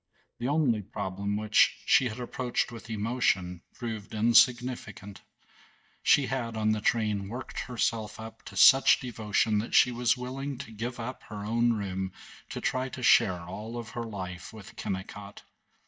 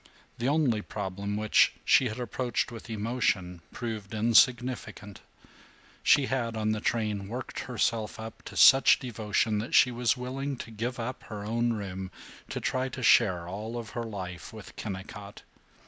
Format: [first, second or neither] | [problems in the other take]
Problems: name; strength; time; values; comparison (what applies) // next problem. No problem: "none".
second | noise reduction (neural mask model DeepFilterNet 3)